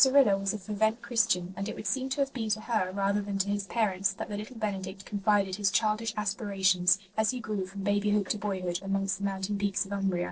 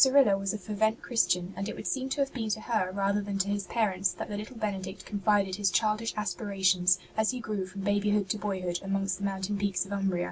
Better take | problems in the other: second | noise reduction (neural separator model SepFormer DNS4)

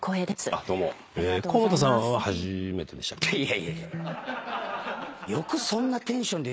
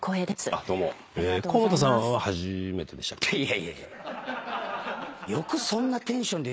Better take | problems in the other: second | background sound (Electric guitar); 11 dB below the speech

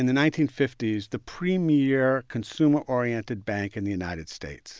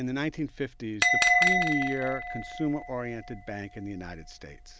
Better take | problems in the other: first | background sound (Bell); 4 dB above the speech

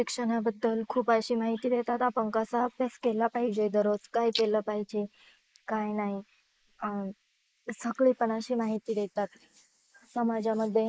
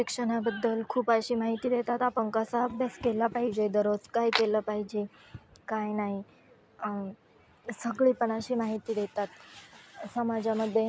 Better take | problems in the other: second | noise reduction (neural mask model Resemble Enhance denoiser)

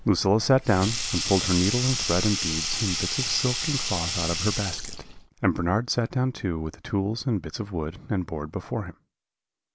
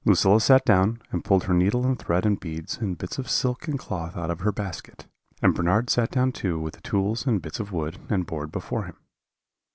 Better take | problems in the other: second | background sound (Sink (filling or washing)); 6 dB below the speech

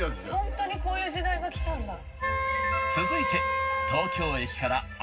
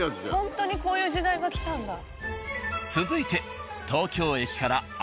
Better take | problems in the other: second | background sound (Wind instrument, woodwind instrument); 1 dB above the speech // room echo; dies away in 0.4 s

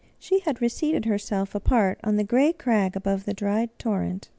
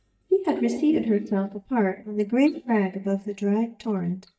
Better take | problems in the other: first | noise reduction (neural mask model DeepFilterNet 3)

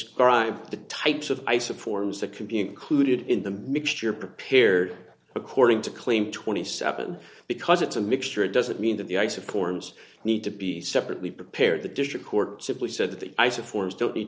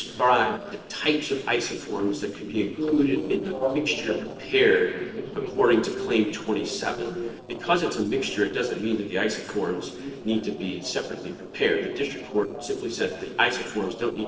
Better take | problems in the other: first | noise reduction (neural separator model SepFormer DNS4)

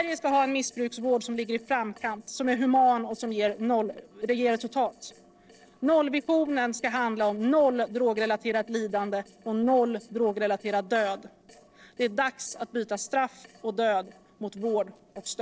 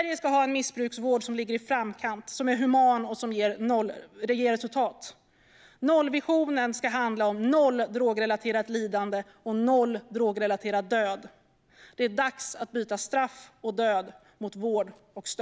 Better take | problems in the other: second | noise reduction (neural separator model SepFormer DNS4)

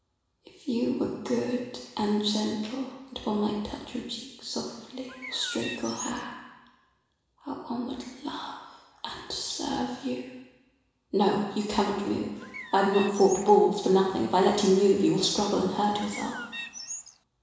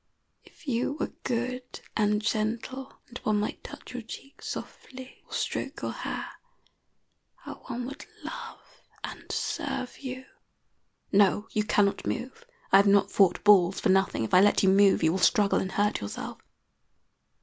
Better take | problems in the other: second | background sound (Bird); 12 dB below the speech // room echo; dies away in 1 s

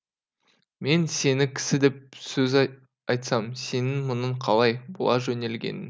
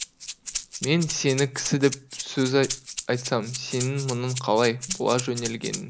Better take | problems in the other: first | background sound (Rattle (instrument)); 10 dB below the speech

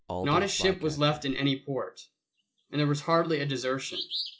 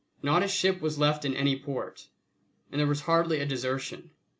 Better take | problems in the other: second | noise reduction (classical method log-MMSE)

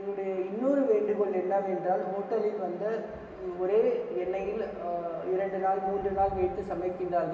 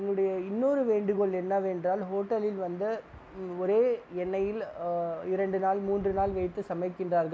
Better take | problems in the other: second | room echo; dies away in 2.6 s

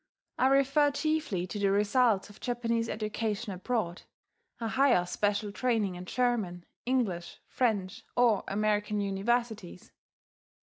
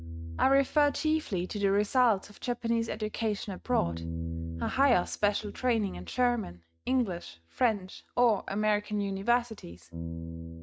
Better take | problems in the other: first | noise reduction (neural mask model RNNoise)

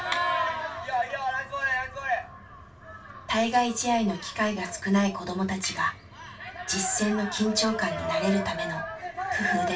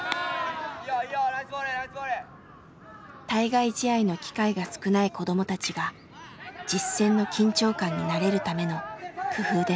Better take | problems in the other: second | room echo; dies away in 0.2 s

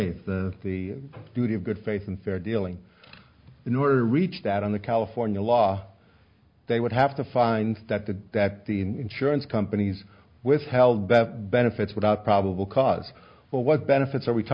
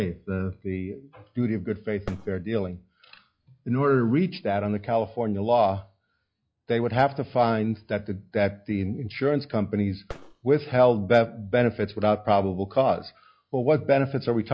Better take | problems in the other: first | noise reduction (classical method log-MMSE)

